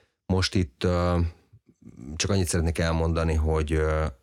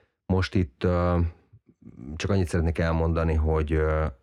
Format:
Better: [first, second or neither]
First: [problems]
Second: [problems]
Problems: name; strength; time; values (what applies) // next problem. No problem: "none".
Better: first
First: none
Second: muffled; slightly; fading above 3.5 kHz